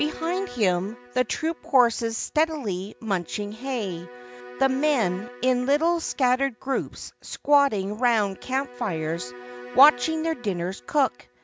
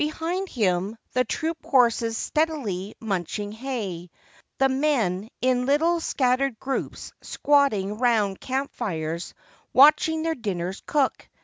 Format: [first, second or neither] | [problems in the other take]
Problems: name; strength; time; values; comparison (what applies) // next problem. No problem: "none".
second | background sound (Bowed string instrument); 18 dB below the speech